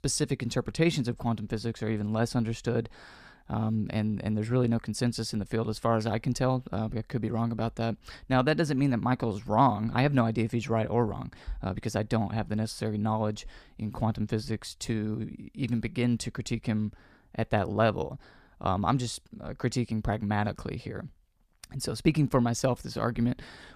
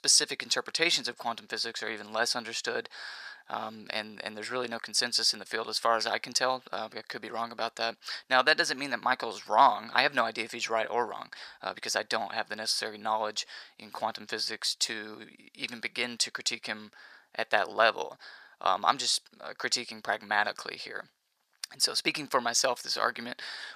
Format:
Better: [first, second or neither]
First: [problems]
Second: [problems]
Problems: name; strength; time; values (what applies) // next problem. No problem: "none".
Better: first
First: none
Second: thin; very; fading below 750 Hz